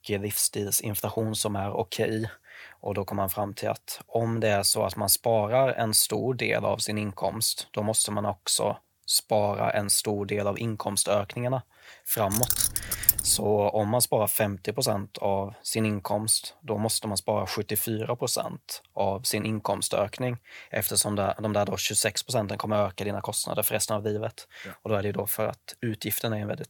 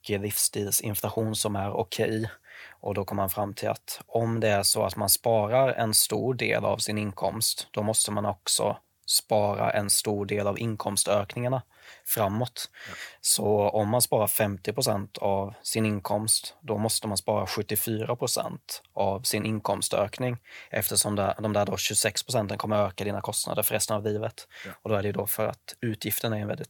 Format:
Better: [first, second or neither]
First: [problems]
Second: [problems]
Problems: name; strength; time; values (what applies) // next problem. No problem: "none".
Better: second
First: jangling keys; loud; at 12 s; peak 5 dB above the speech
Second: none